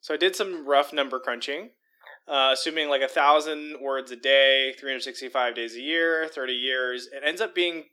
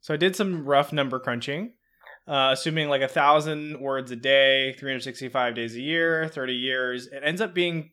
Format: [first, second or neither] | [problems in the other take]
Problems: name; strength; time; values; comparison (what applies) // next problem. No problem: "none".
second | thin; somewhat; fading below 300 Hz